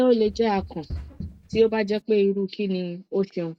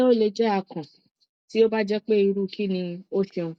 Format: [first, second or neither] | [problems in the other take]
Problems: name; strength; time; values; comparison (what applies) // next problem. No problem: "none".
second | background sound (Run); 14 dB below the speech